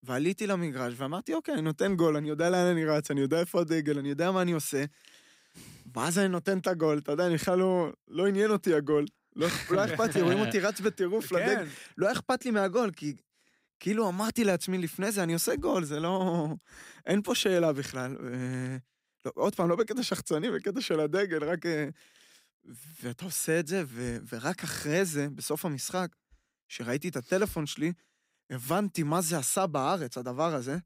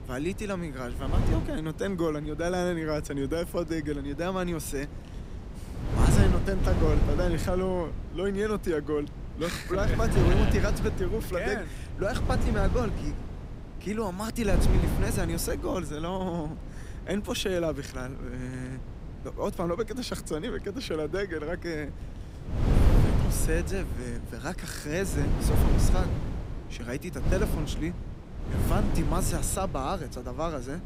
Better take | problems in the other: first | wind noise on the microphone; heavy; 7 dB below the speech

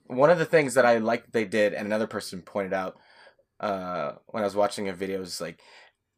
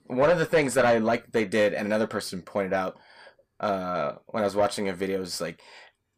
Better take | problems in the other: first | distortion; slight; 10 dB below the speech

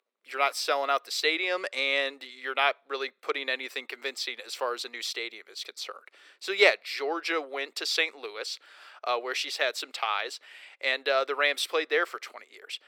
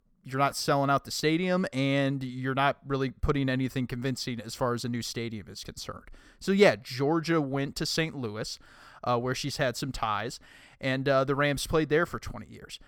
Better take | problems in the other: second | thin; very; fading below 400 Hz

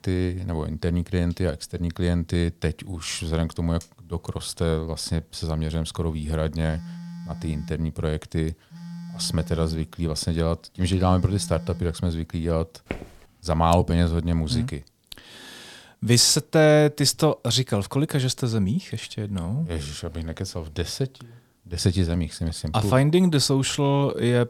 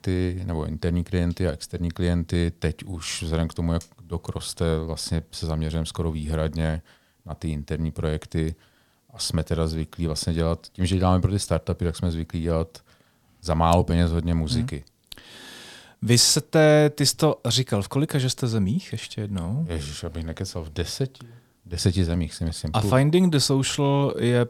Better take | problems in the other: second | phone ringing; faint; from 6.5 to 12 s; peak 10 dB below the speech // footsteps; faint; at 13 s; peak 10 dB below the speech

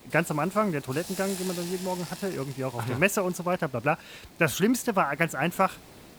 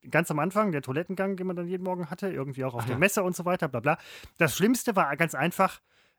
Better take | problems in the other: second | hiss; noticeable; throughout; 15 dB below the speech

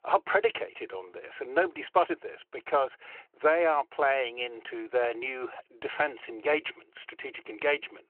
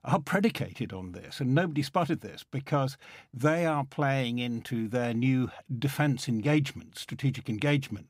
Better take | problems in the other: second | phone-call audio

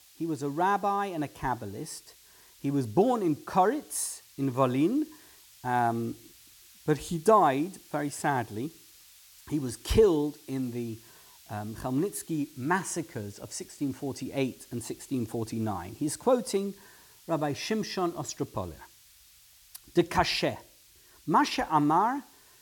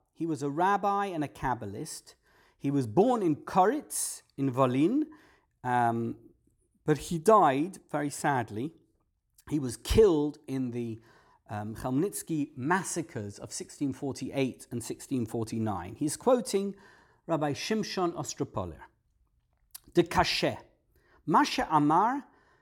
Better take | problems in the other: second | hiss; faint; throughout; 25 dB below the speech

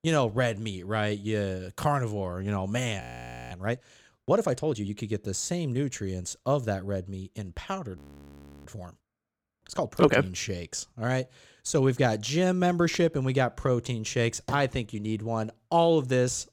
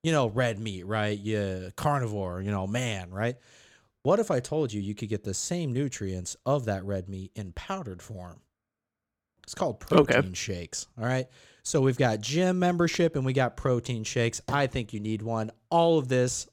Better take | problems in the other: second | audio freezing; at 3 s for 0.5 s and at 8 s for 0.5 s

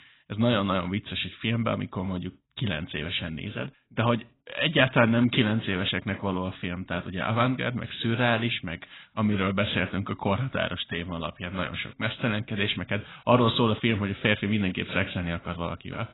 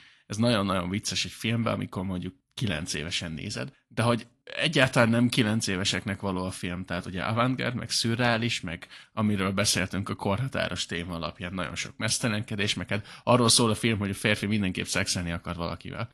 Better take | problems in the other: second | garbled, watery; badly; nothing above 4 kHz; slightly in the second

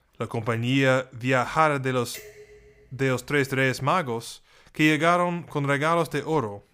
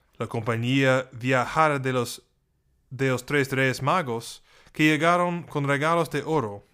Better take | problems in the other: second | clattering dishes; faint; from 2 to 3.5 s; peak 20 dB below the speech

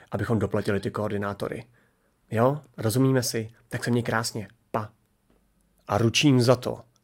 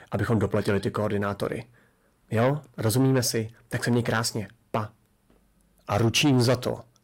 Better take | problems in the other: first | distortion; slight; 10 dB below the speech

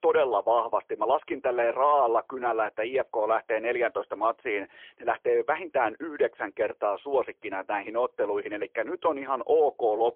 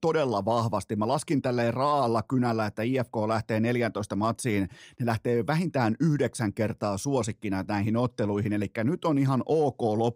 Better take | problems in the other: second | phone-call audio; poor line; nothing above 3.5 kHz

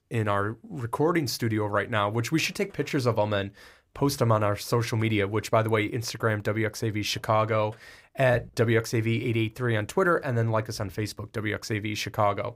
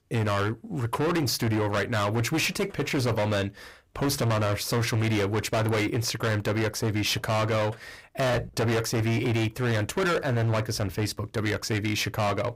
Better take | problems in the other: first | distortion; heavy; 25% of the sound clipped

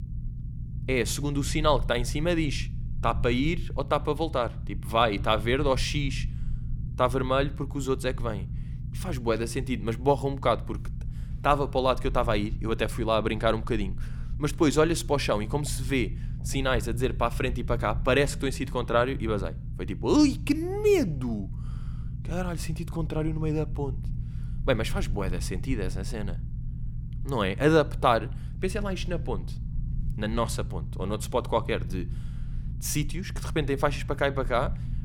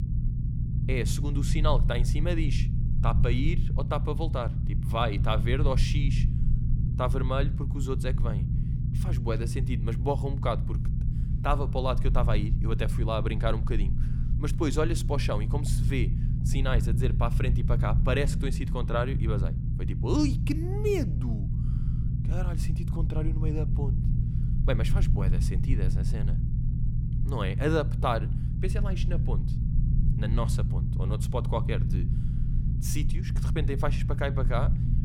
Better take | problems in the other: first | low rumble; loud; throughout; 8 dB below the speech; faint in the first

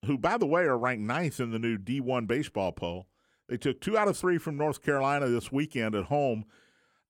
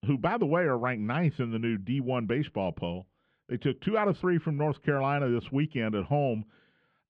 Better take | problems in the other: first | muffled; slightly; fading above 3.5 kHz

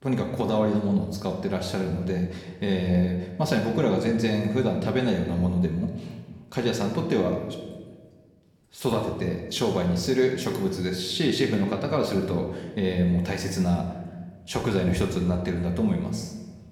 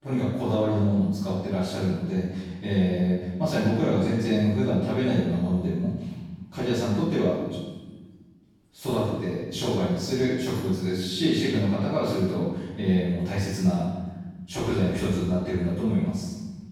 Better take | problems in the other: first | room echo; strong; dies away in 1.1 s; slight in the first // off-mic speech; far; somewhat distant in the first

